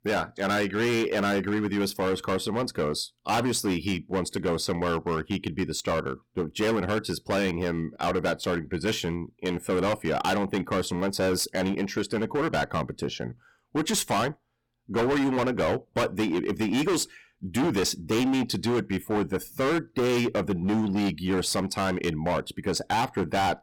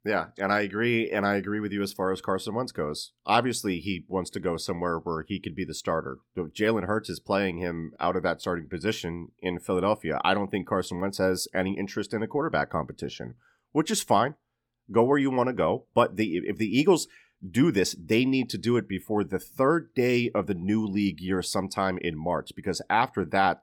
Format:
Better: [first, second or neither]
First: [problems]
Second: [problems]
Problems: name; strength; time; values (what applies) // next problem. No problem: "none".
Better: second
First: distortion; heavy; 18% of the sound clipped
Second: none